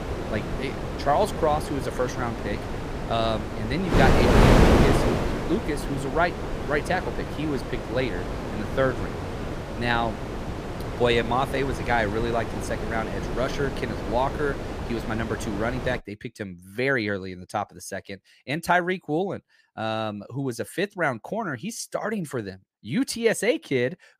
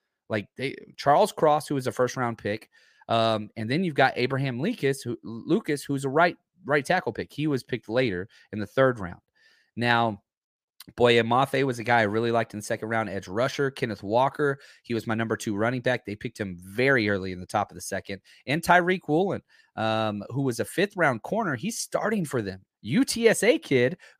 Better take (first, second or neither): second